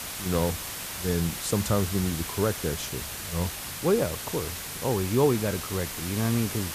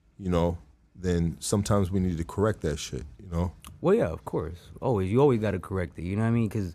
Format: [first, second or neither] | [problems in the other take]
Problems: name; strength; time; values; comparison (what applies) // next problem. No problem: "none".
second | hiss; loud; throughout; 5 dB below the speech